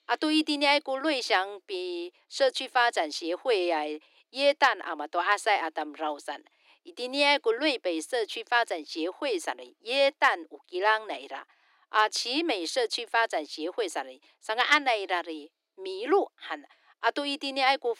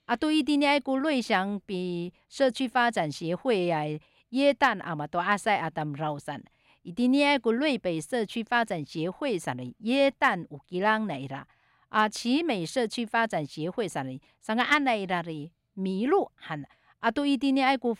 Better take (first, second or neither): second